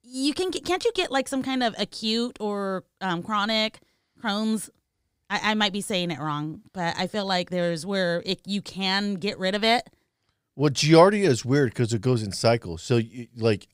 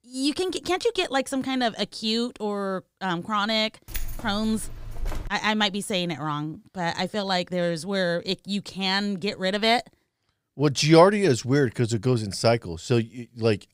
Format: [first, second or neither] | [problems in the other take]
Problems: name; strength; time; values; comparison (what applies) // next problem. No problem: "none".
first | jangling keys; faint; from 4 to 5.5 s; peak 10 dB below the speech